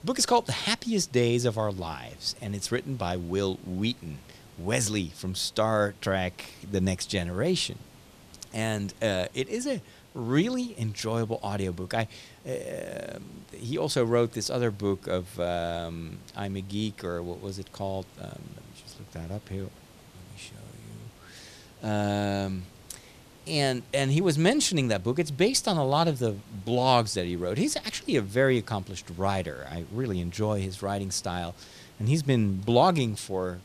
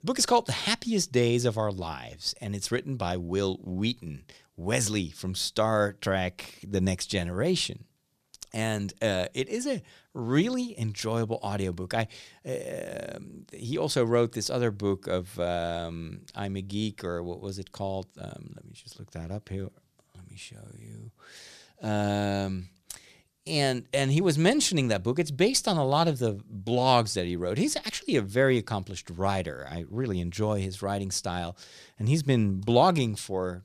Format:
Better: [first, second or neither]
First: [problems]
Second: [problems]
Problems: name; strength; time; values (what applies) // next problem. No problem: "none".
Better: second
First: hiss; faint; throughout; 25 dB below the speech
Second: none